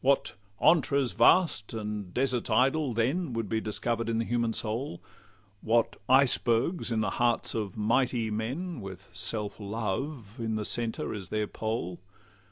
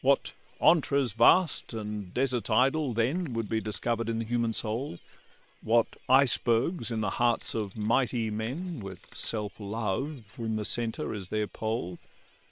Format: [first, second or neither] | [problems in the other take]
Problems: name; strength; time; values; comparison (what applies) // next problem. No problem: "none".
first | noise reduction (neural separator model SepFormer WHAM!)